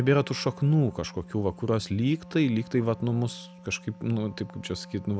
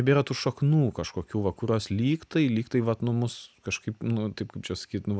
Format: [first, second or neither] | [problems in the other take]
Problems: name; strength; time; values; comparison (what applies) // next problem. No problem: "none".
second | background sound (Wind instrument, woodwind instrument); 19 dB below the speech